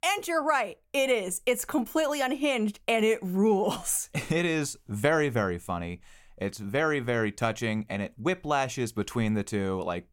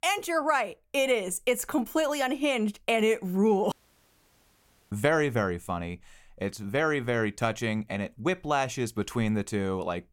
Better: first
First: none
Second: audio cutting out; at 3.5 s for 1 s

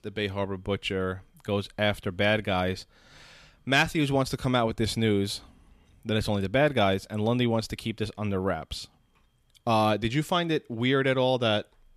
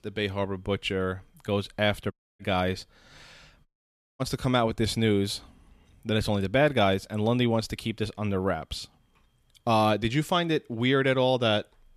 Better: first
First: none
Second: audio cutting out; at 2 s and at 3.5 s for 0.5 s

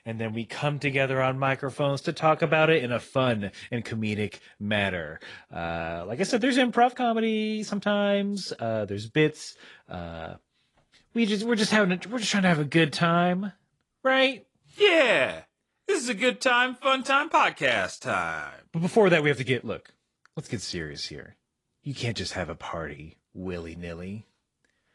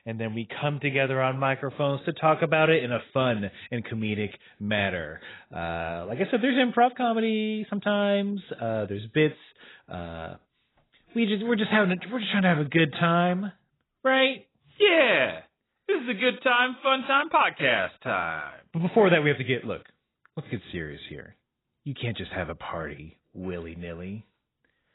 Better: first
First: garbled, watery; slightly; nothing above 10.5 kHz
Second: garbled, watery; badly; nothing above 4 kHz

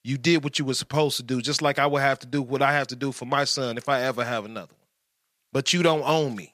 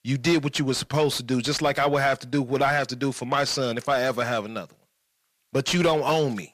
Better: first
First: none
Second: distortion; slight; 10 dB below the speech

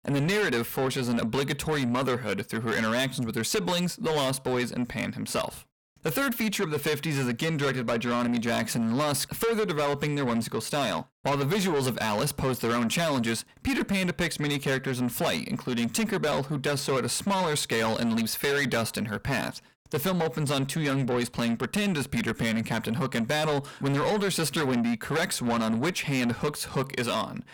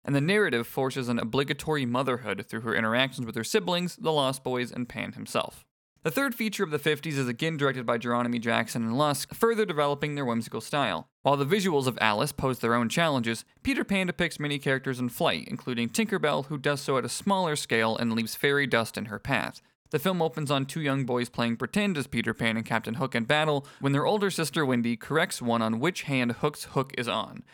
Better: second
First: distortion; heavy; 6 dB below the speech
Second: none

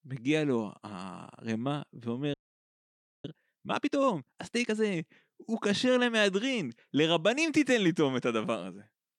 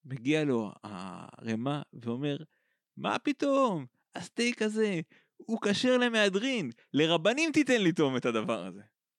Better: second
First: audio freezing; at 2.5 s for 1 s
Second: none

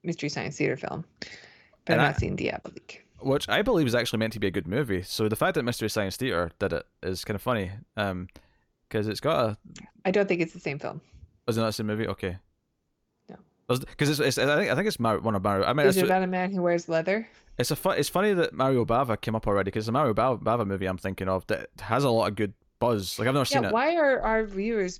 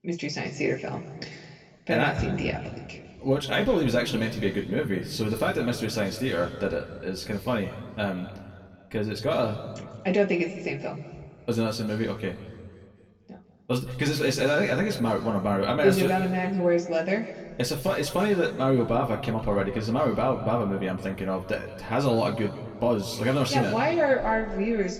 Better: first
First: none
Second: room echo; slight; dies away in 1.6 s // off-mic speech; somewhat distant

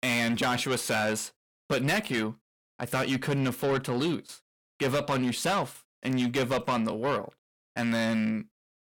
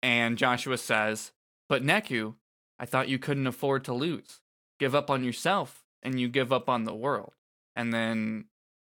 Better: second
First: distortion; heavy; 6 dB below the speech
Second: none

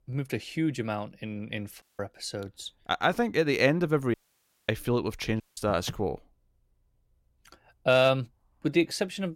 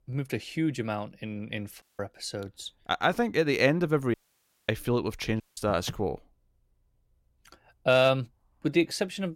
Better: neither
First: audio cutting out; at 2 s, at 4 s for 0.5 s and at 5.5 s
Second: audio cutting out; at 2 s, at 4 s for 0.5 s and at 5.5 s

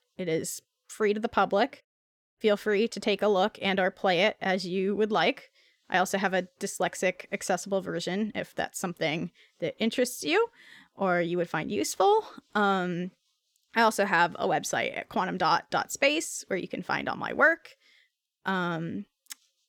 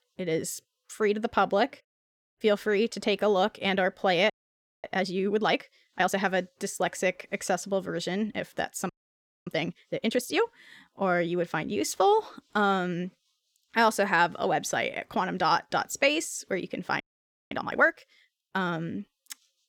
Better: first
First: none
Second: audio freezing; at 4.5 s for 0.5 s, at 9 s for 0.5 s and at 17 s for 0.5 s

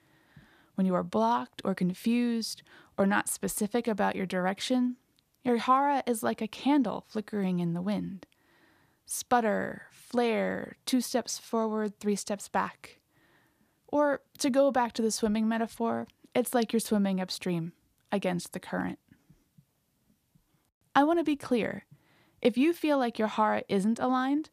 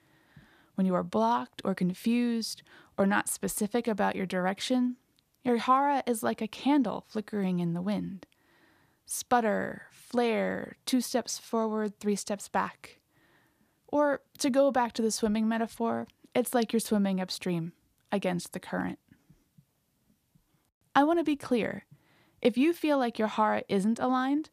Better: neither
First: none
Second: none

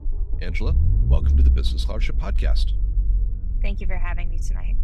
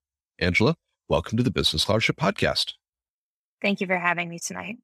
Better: second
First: low rumble; loud; throughout; 7 dB below the speech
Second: none

